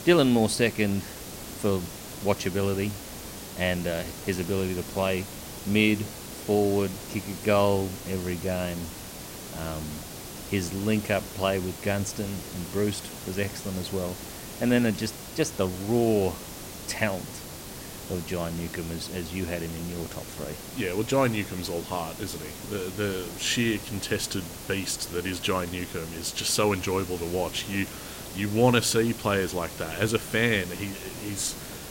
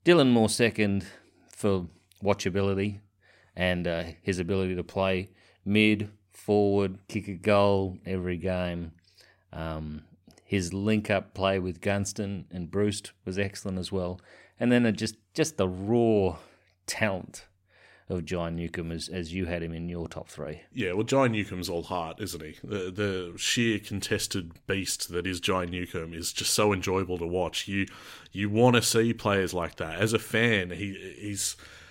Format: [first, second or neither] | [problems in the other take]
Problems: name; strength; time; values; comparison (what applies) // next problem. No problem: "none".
second | hiss; noticeable; throughout; 10 dB below the speech